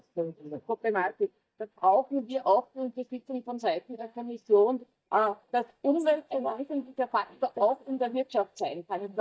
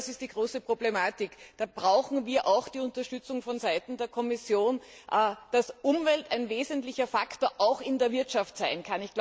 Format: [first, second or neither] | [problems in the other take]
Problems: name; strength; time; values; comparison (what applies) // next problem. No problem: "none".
second | noise reduction (neural mask model DeepFilterNet 3)